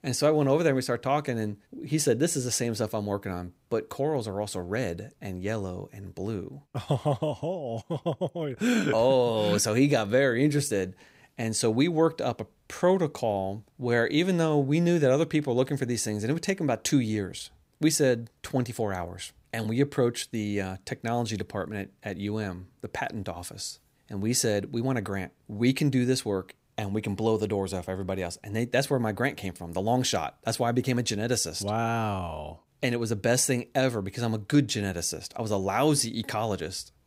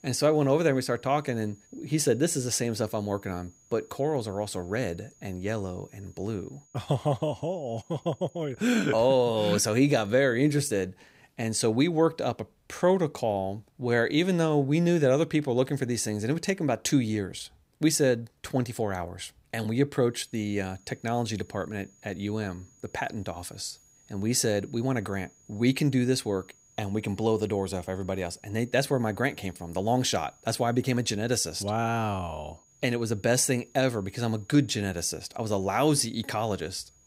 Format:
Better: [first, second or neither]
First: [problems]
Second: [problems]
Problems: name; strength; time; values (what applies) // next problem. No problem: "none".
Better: first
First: none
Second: high-pitched whine; faint; until 11 s and from 20 s on; 6.5 kHz, 30 dB below the speech